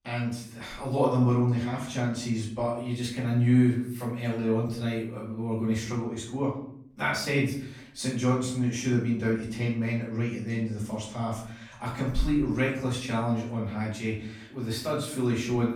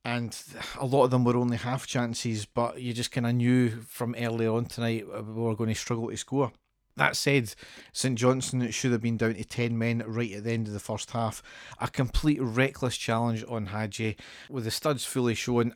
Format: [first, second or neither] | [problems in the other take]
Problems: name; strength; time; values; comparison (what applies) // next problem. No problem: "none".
second | room echo; noticeable; dies away in 0.6 s // off-mic speech; far